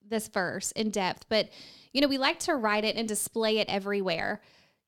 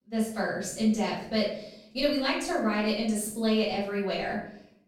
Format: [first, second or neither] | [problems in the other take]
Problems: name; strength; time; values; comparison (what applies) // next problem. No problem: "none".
first | off-mic speech; far // room echo; noticeable; dies away in 0.6 s